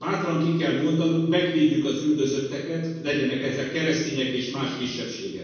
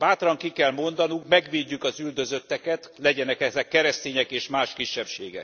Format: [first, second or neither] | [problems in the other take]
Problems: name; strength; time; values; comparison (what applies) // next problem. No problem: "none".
second | room echo; dies away in 1.2 s